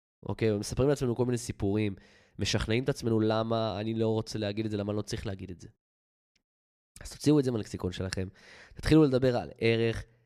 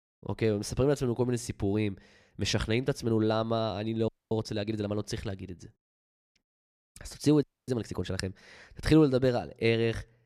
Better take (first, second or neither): first